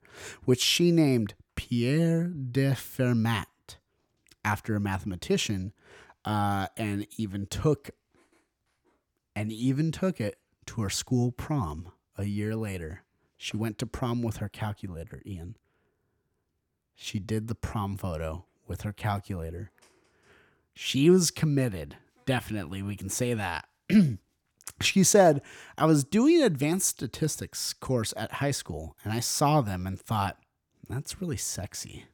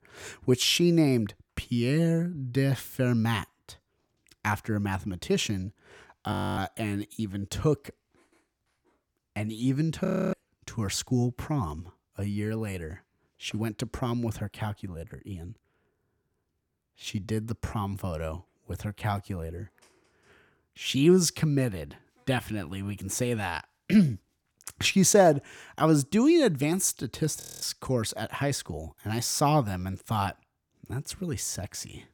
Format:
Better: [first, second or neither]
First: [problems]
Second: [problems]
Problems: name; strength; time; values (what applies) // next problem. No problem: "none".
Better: first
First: none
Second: audio freezing; at 6.5 s, at 10 s and at 27 s